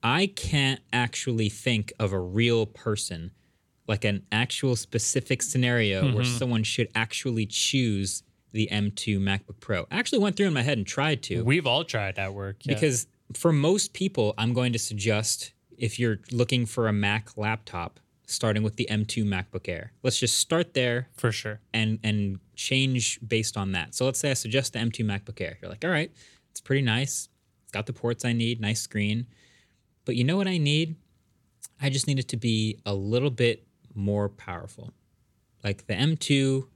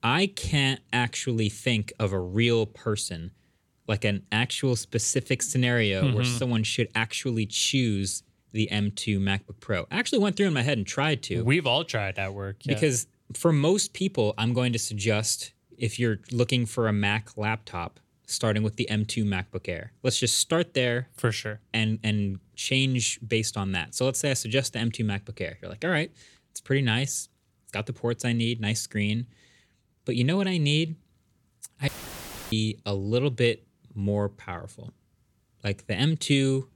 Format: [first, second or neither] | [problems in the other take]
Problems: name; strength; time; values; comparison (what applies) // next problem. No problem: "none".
first | audio cutting out; filled with static; at 32 s for 0.5 s